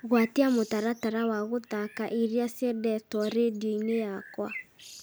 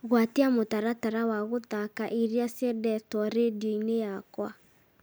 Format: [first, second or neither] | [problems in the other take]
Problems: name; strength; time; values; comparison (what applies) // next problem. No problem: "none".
second | background sound (Bird); 19 dB below the speech